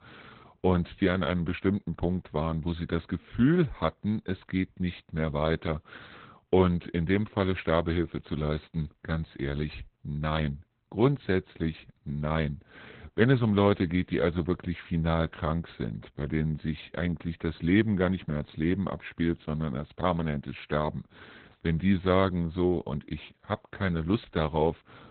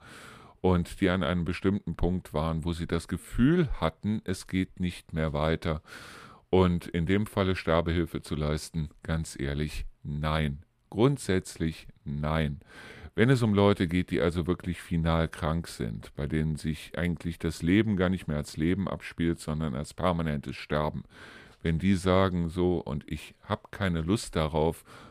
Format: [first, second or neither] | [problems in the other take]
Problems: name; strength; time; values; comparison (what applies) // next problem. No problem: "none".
second | garbled, watery; badly; nothing above 4 kHz